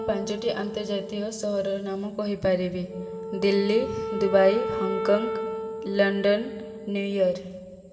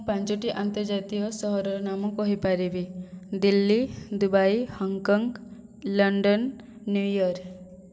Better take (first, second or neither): second